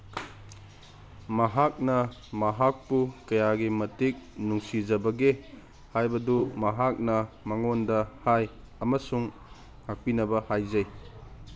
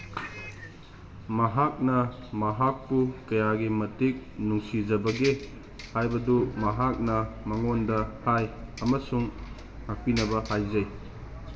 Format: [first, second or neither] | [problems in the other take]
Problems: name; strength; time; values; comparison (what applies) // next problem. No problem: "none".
first | background sound (Bus); 15 dB below the speech // room echo; dies away in 1.7 s